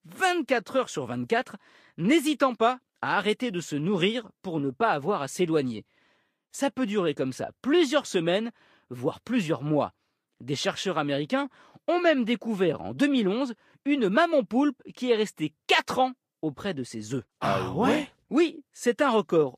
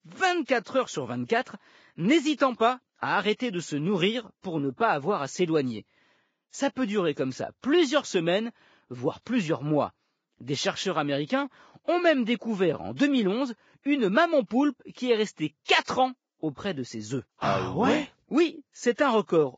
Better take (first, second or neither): first